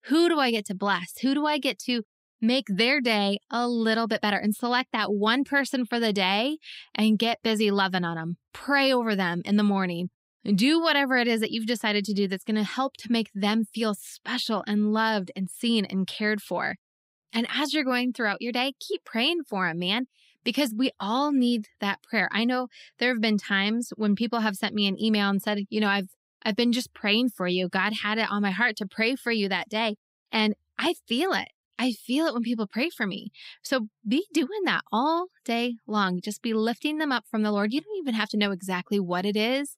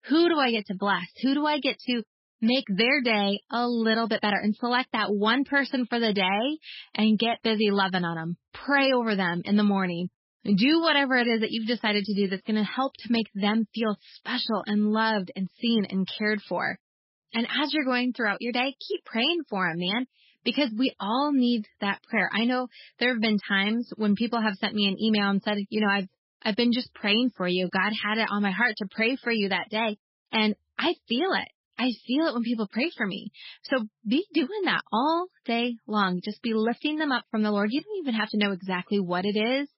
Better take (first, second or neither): first